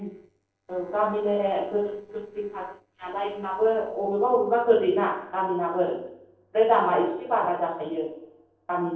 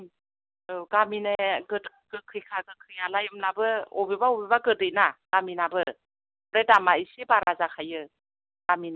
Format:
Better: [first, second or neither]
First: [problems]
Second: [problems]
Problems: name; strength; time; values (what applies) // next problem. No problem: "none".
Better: second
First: noise reduction (neural separator model SepFormer DNS4)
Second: none